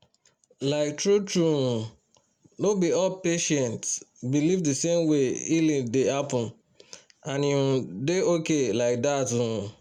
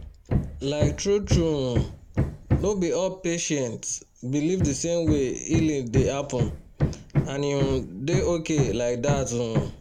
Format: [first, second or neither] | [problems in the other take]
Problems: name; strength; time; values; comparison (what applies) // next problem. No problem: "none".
first | background sound (Hammer); 2 dB below the speech